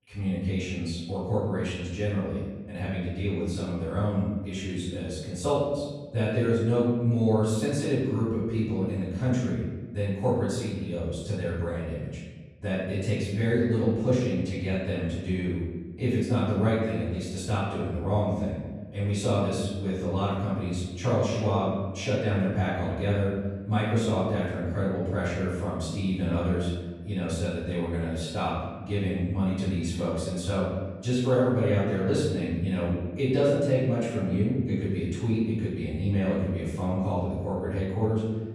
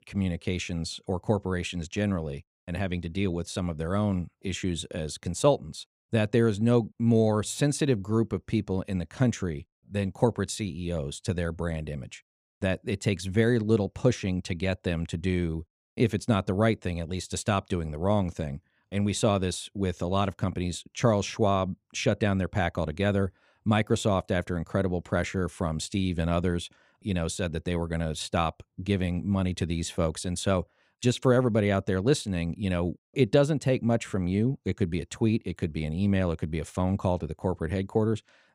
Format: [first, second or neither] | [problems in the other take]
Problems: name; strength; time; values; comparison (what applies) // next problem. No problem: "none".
second | off-mic speech; far // room echo; strong; dies away in 1.2 s